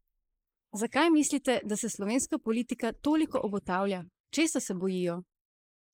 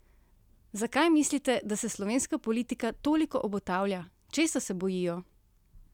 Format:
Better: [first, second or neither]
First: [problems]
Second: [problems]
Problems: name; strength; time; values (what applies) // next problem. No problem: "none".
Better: second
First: noise reduction (neural mask model Resemble Enhance denoiser)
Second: none